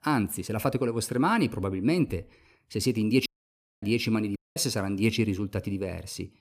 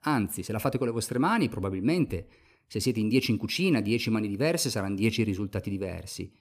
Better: second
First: audio cutting out; at 3.5 s for 0.5 s and at 4.5 s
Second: none

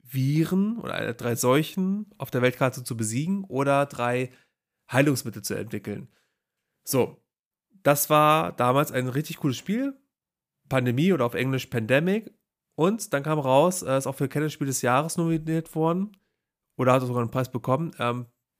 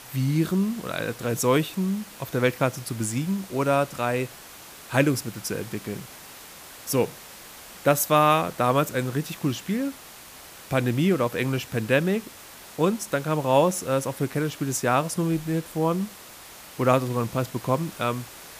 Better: first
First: none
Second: hiss; noticeable; throughout; 15 dB below the speech

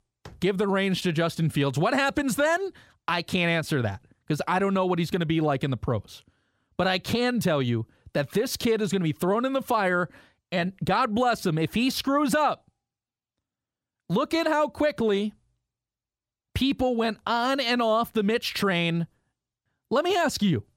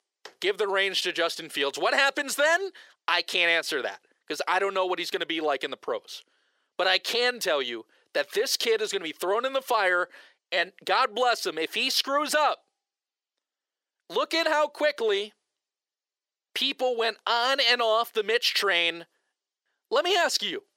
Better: first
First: none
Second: thin; very; fading below 400 Hz

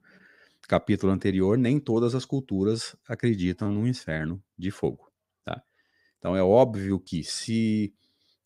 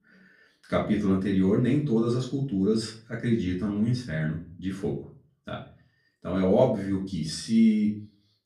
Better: first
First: none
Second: off-mic speech; far // room echo; slight; dies away in 0.3 s

